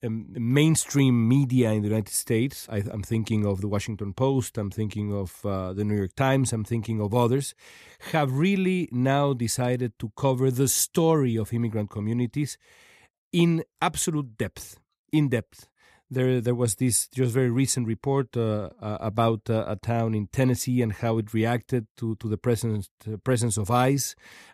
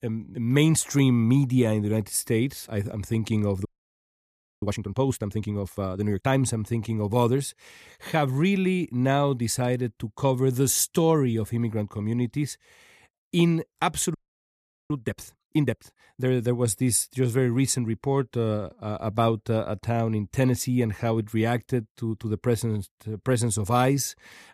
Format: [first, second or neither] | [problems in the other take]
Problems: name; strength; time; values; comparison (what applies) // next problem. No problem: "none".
first | audio freezing; at 3.5 s for 1 s and at 14 s for 1 s